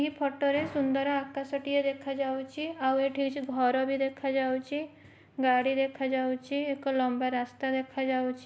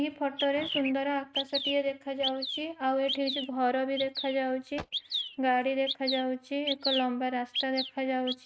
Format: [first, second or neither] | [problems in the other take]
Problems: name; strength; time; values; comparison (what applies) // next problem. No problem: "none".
first | noise reduction (neural mask model RNNoise)